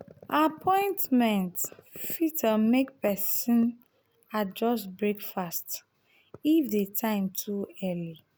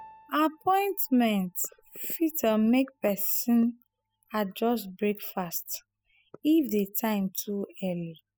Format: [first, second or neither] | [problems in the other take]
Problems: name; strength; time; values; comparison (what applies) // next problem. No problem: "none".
first | noise reduction (classical method spectral subtraction)